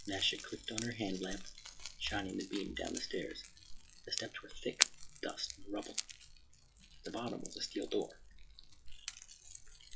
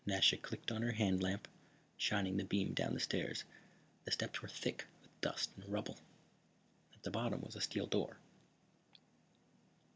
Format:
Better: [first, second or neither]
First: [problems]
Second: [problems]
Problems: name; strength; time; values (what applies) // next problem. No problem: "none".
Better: second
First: noise reduction (classical method WPE with log-MMSE)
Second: none